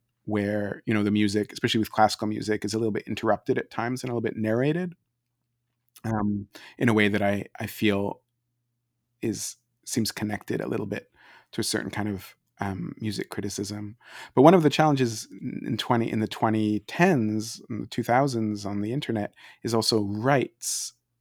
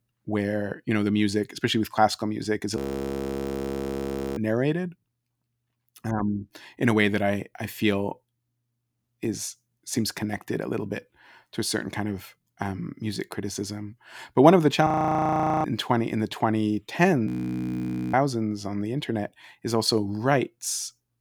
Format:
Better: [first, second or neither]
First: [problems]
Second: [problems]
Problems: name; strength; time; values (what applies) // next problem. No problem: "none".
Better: first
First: none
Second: audio freezing; at 3 s for 1.5 s, at 15 s for 1 s and at 17 s for 1 s